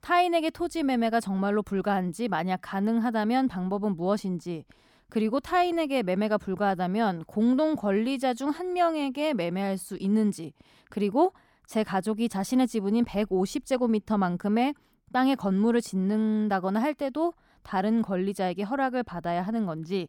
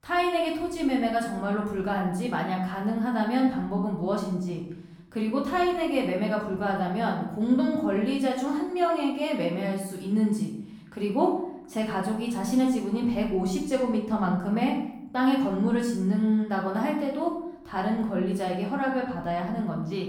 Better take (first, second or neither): first